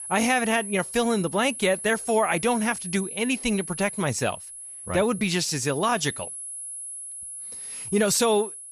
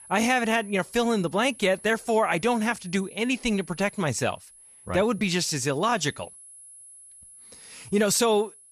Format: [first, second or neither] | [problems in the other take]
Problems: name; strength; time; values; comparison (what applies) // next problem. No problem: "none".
second | high-pitched whine; loud; throughout; 10.5 kHz, 10 dB below the speech; faint in the second